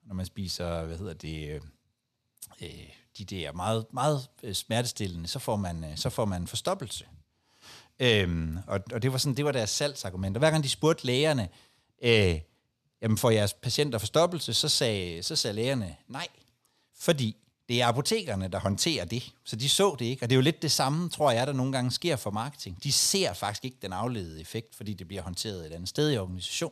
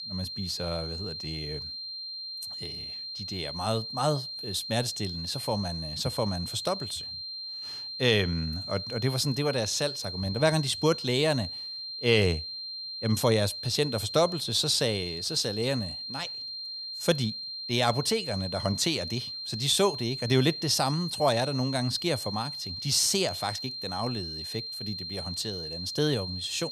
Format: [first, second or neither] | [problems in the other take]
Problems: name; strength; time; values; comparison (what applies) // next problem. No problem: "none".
first | high-pitched whine; loud; throughout; 4 kHz, 6 dB below the speech